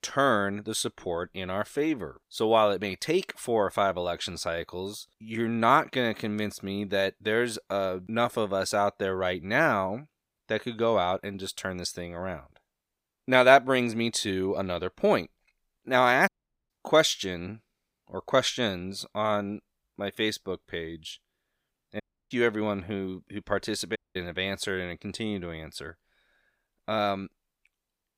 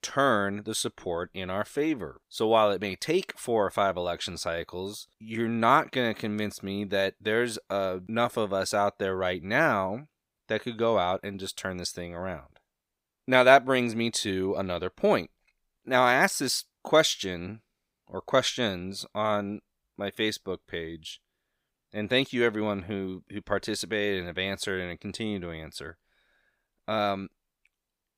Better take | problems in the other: second | audio cutting out; at 16 s, at 22 s and at 24 s

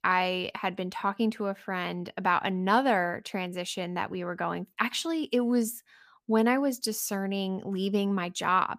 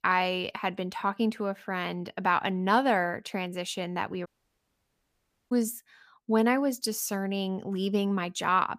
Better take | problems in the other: first | audio cutting out; at 4.5 s for 1.5 s

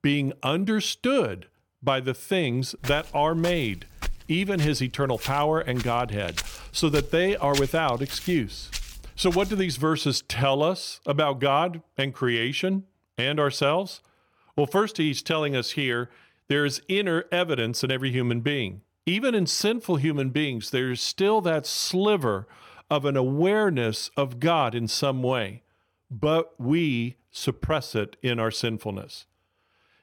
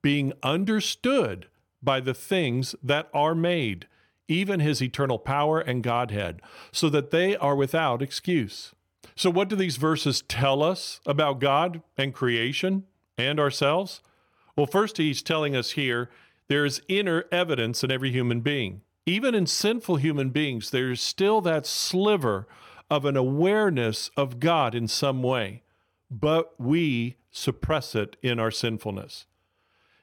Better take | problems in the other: second | footsteps; noticeable; from 3 to 9.5 s; peak 6 dB below the speech

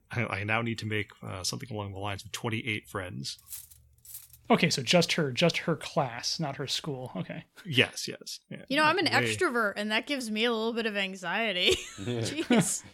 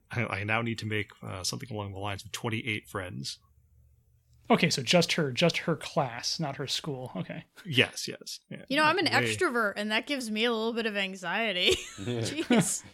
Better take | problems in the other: second | clattering dishes; faint; at 3.5 s; peak 15 dB below the speech

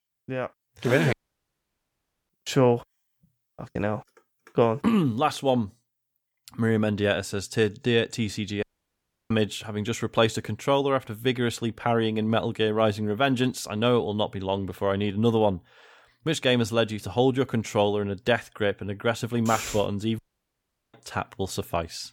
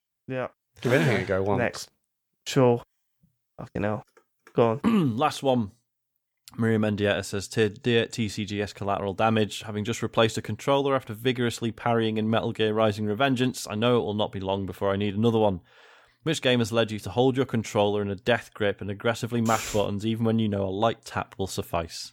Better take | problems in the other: second | audio cutting out; at 1 s for 1 s, at 8.5 s for 0.5 s and at 20 s for 0.5 s

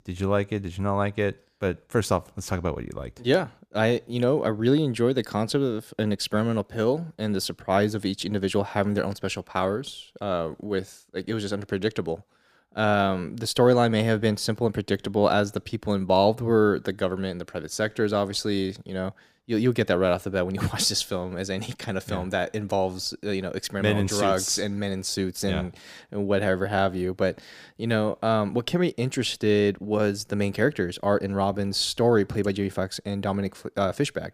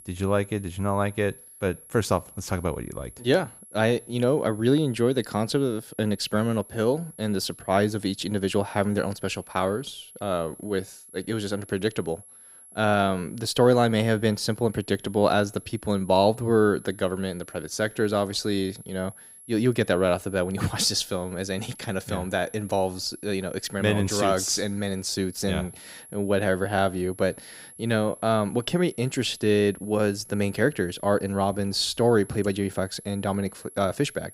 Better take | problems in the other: first | high-pitched whine; noticeable; throughout; 11 kHz, 20 dB below the speech

